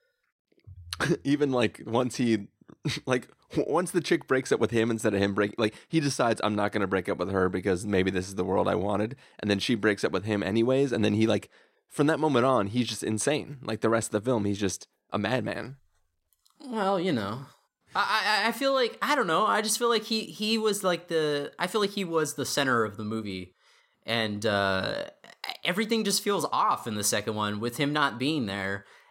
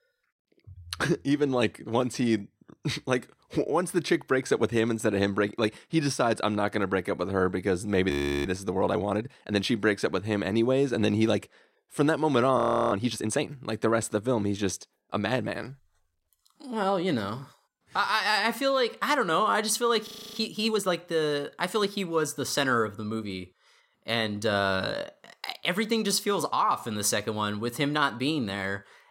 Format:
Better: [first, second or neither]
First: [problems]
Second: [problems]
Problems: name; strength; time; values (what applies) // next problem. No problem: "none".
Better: first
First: none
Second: audio freezing; at 8 s, at 13 s and at 20 s